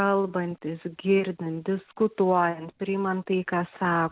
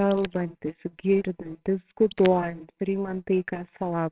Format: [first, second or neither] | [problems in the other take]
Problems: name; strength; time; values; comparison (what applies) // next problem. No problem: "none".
first | noise reduction (neural separator model SepFormer WHAMR!)